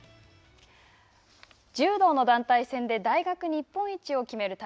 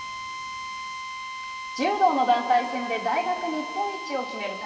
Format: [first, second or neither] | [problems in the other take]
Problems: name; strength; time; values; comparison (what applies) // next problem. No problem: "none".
first | background sound (Drill); 8 dB below the speech // room echo; dies away in 2.5 s